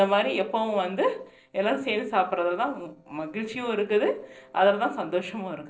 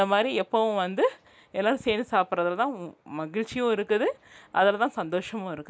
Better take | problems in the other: second | noise reduction (neural separator model SepFormer DNS4)

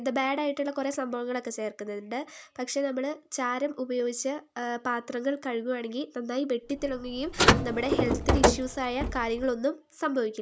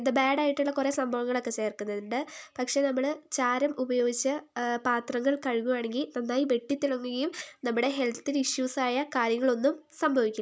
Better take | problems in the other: second | background sound (Car); 4 dB above the speech

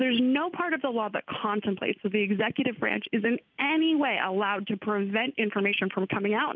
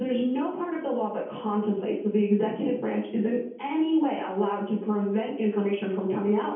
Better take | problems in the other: first | room echo; dies away in 0.7 s

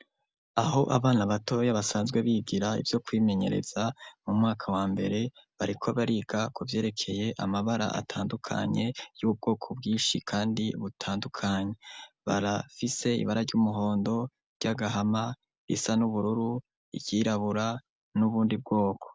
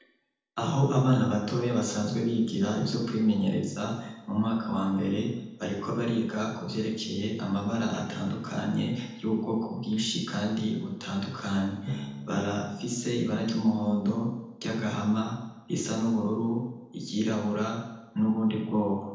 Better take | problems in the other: first | noise reduction (neural separator model SepFormer DNS4)

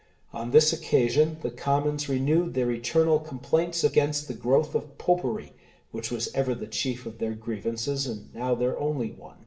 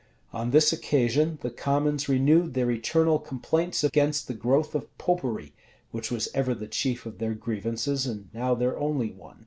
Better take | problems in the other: second | room echo; dies away in 0.7 s

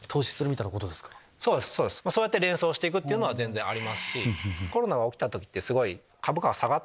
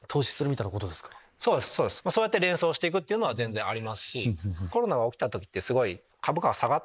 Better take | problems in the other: first | noise reduction (neural mask model Resemble Enhance denoiser)

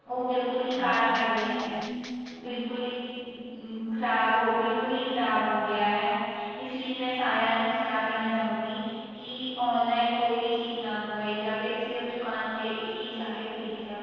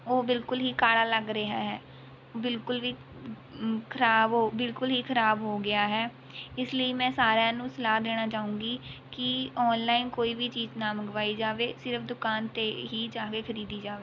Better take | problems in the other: second | noise reduction (neural separator model SepFormer DNS4)

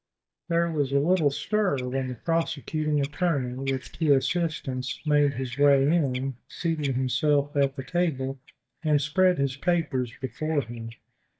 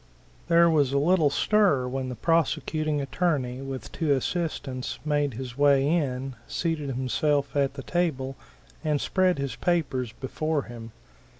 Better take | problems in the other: second | noise reduction (neural mask model DeepFilterNet 3)

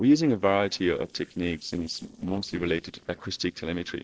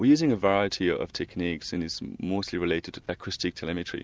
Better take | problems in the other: second | noise reduction (neural separator model SepFormer DNS4)

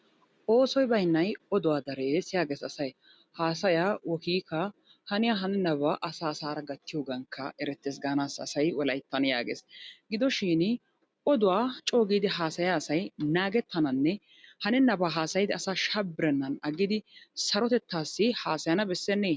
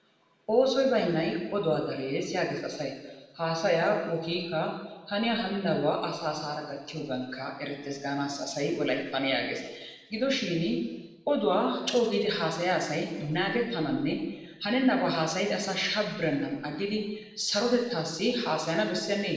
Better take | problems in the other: first | room echo; dies away in 1.1 s

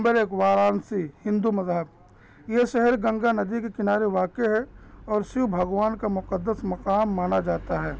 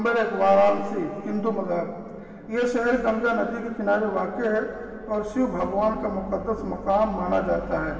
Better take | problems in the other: first | room echo; dies away in 2.5 s

